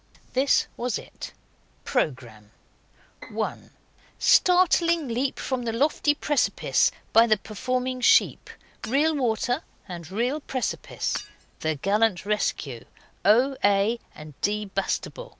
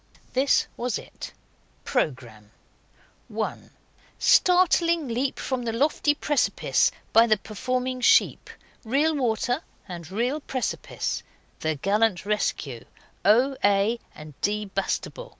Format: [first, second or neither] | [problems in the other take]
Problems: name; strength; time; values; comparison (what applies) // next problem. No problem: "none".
second | background sound (Shatter / Hammer + Bowed string instrument); 19 dB below the speech